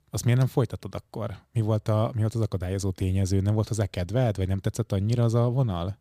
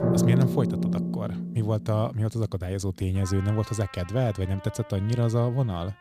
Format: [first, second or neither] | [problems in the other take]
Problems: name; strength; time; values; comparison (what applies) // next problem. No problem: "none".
first | background music; loud; throughout; 1 dB below the speech